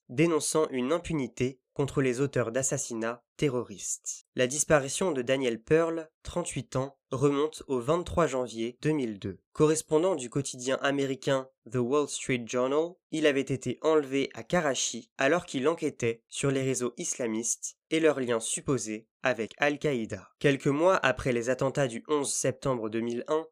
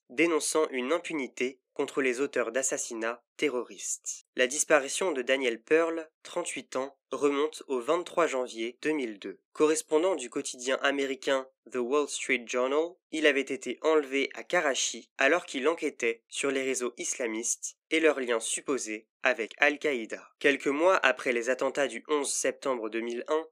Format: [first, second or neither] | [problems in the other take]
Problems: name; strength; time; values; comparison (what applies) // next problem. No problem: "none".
first | thin; very slightly; fading below 250 Hz